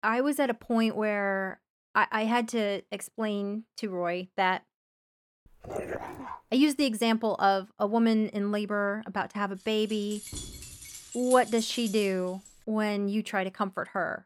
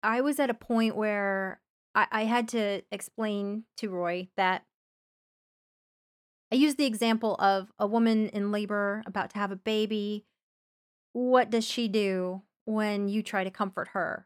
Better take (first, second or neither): second